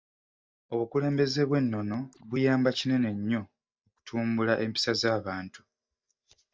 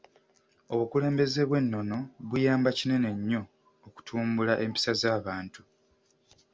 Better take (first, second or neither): second